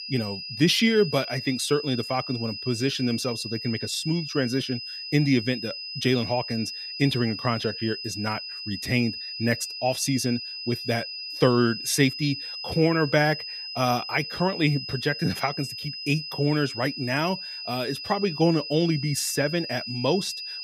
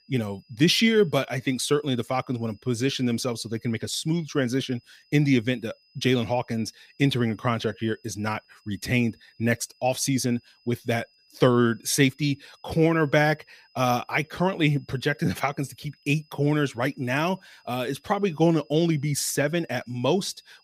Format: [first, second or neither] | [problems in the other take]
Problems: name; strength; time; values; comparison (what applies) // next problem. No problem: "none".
second | high-pitched whine; loud; throughout; 5 kHz, 7 dB below the speech; faint in the second